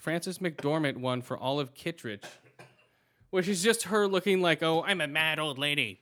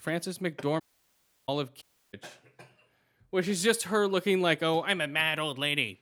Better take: first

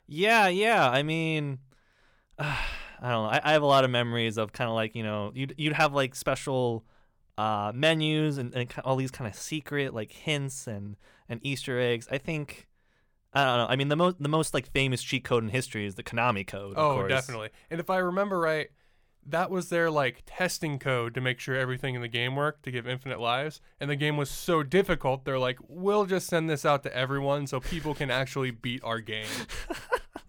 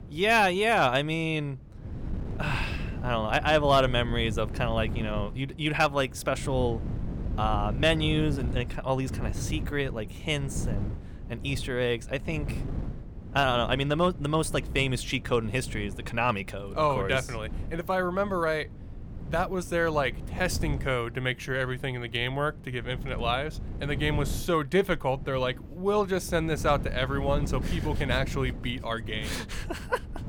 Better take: first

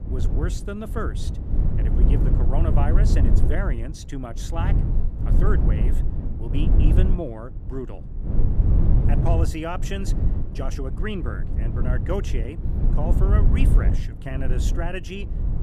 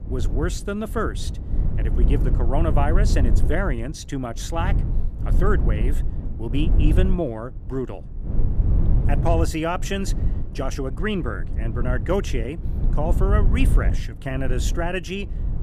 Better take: second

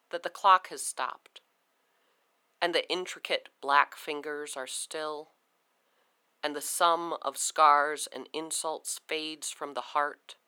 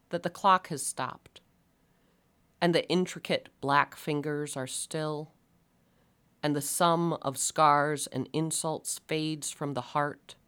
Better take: second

